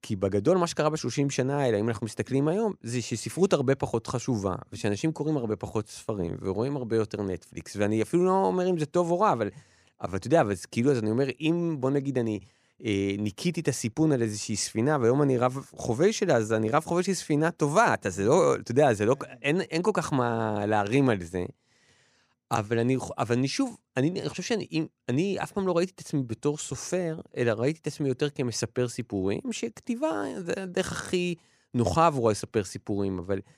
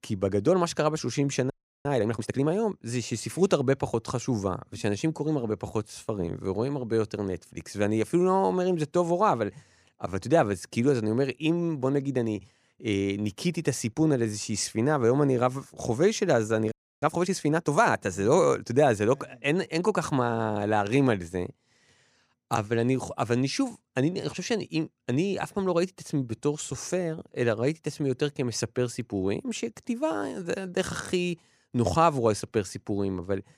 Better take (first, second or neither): first